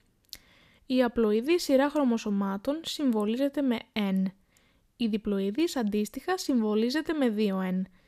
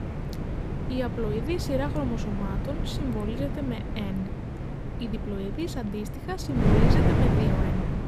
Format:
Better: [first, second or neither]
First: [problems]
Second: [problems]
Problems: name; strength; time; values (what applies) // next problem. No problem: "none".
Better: first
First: none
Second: wind noise on the microphone; heavy; as loud as the speech